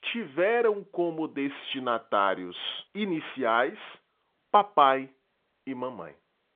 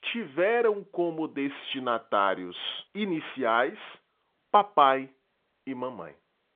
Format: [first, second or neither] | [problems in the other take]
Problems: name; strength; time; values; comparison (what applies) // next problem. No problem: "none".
neither | phone-call audio; nothing above 3.5 kHz; the same in both